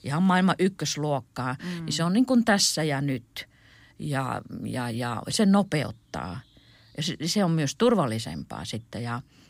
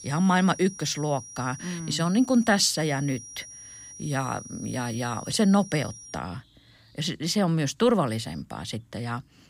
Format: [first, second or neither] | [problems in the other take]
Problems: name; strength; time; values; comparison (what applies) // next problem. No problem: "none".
first | high-pitched whine; noticeable; until 6 s; 5.5 kHz, 15 dB below the speech